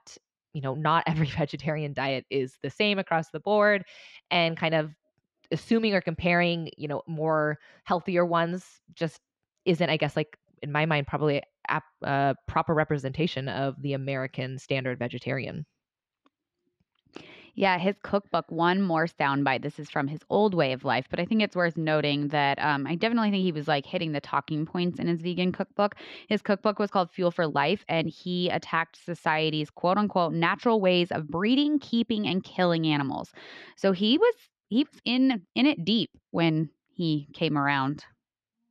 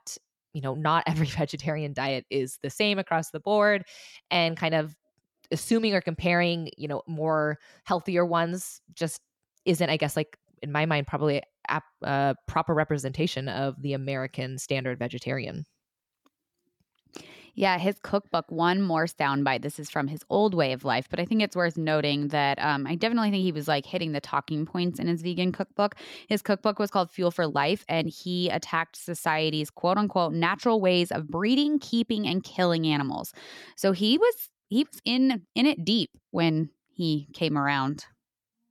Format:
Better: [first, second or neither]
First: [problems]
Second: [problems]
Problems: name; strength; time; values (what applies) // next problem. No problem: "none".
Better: second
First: muffled; very slightly; fading above 3 kHz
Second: none